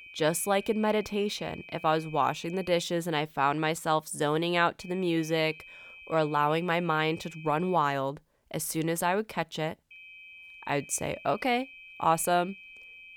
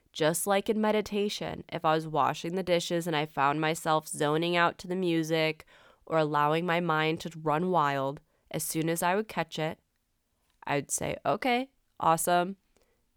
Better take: second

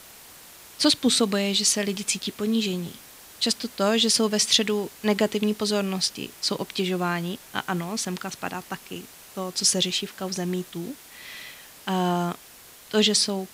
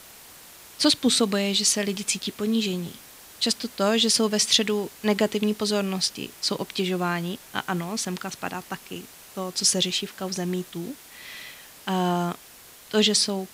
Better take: neither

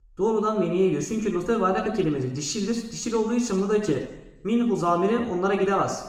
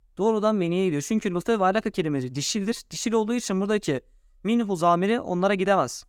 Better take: second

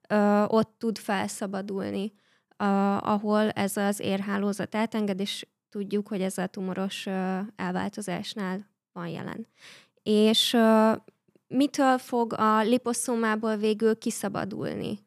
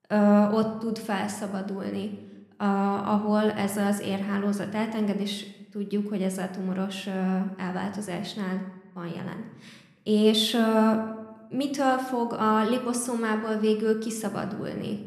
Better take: first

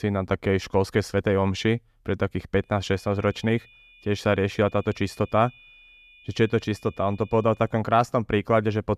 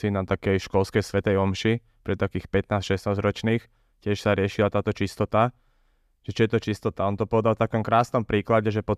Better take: second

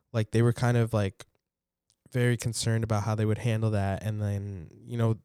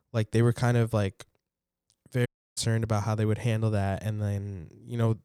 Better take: first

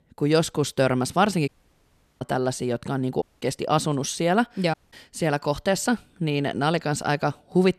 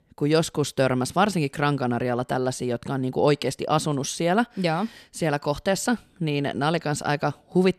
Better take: second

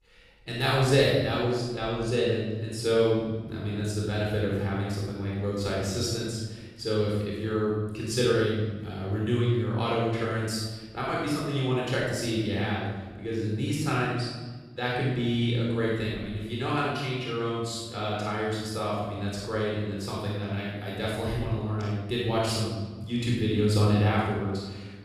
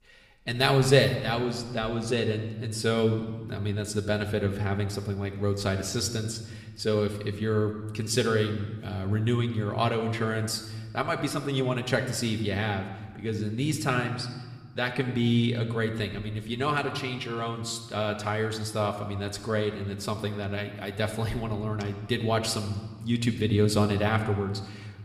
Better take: second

